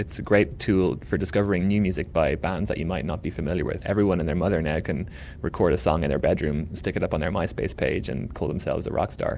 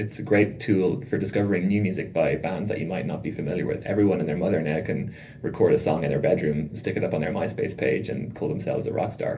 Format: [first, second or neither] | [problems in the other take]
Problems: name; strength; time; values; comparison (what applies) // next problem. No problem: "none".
first | room echo; dies away in 0.3 s